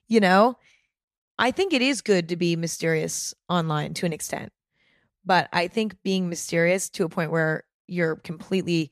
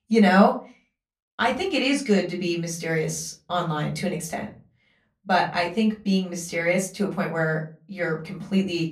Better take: first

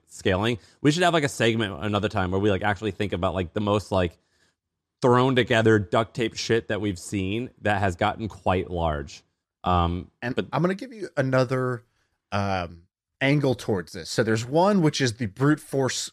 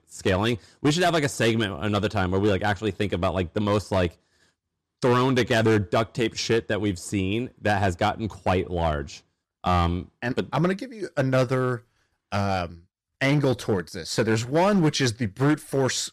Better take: first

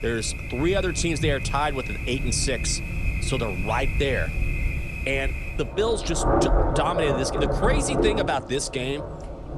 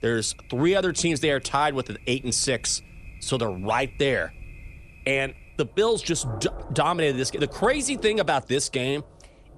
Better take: second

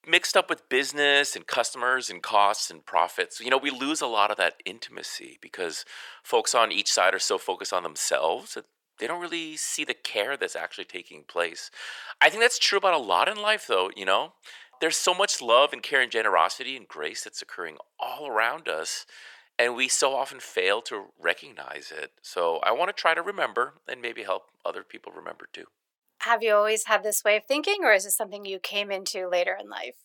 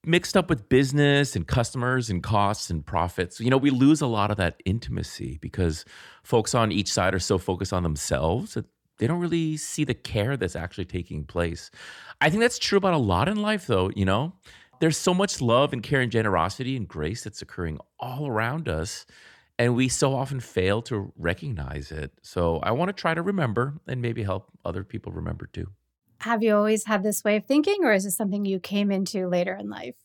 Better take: second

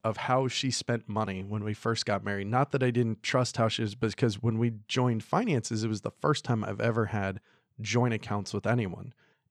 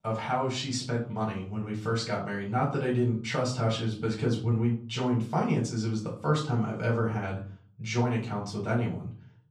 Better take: first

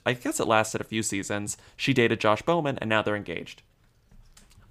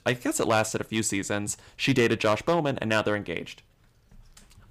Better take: first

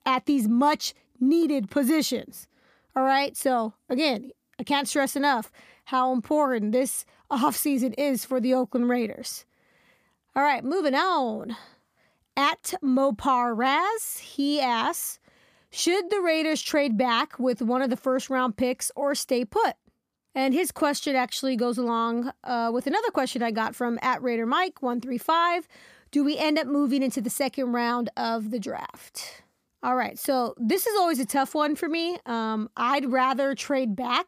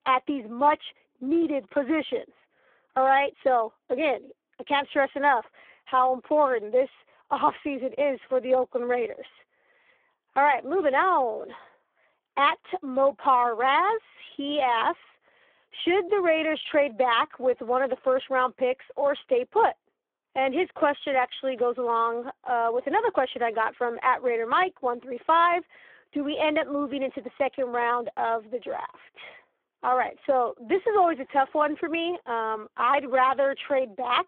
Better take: first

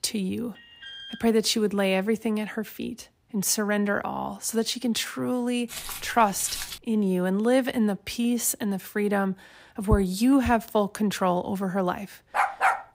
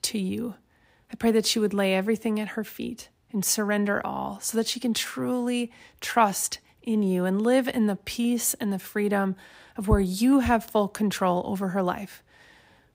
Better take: second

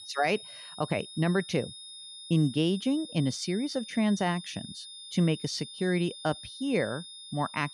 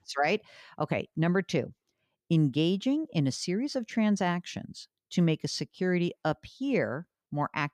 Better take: second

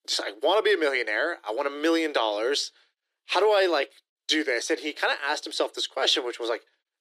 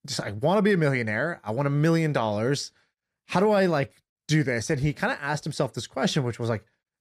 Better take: second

